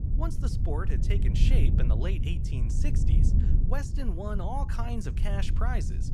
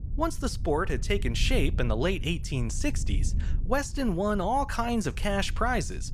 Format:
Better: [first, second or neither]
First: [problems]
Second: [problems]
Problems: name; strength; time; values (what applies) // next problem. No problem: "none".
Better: second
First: low rumble; loud; throughout; 5 dB below the speech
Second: low rumble; faint; throughout; 20 dB below the speech